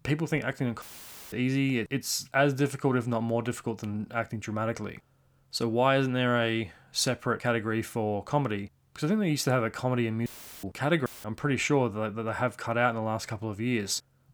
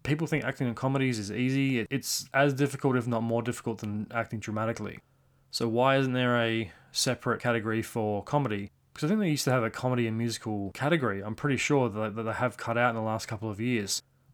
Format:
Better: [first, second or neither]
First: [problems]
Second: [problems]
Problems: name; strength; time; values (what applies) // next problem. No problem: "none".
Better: second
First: audio cutting out; filled with static; at 1 s for 0.5 s, at 10 s and at 11 s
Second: none